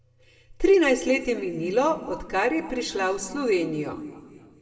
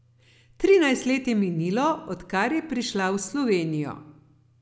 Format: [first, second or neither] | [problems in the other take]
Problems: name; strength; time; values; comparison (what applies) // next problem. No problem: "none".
second | room echo; dies away in 1.7 s